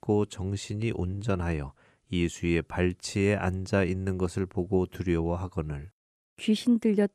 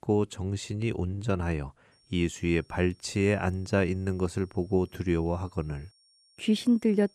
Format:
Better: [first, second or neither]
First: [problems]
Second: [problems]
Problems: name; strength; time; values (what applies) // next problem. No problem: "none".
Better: first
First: none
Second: high-pitched whine; faint; from 2 s on; 5.5 kHz, 35 dB below the speech